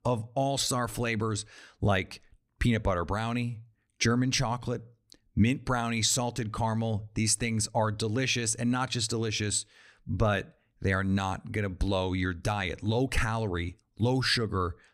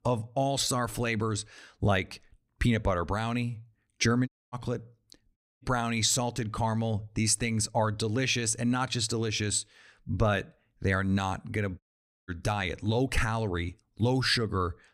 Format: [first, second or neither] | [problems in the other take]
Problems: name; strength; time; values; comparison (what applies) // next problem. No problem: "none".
first | audio cutting out; at 4.5 s, at 5.5 s and at 12 s